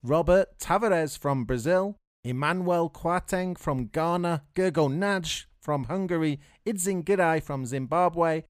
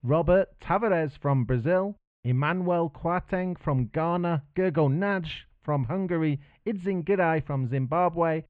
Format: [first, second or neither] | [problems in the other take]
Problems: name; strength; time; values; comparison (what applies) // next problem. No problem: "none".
first | muffled; very; fading above 2.5 kHz